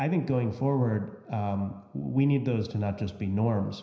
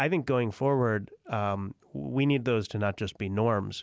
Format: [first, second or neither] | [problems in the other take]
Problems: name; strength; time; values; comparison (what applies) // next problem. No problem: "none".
second | room echo; dies away in 0.9 s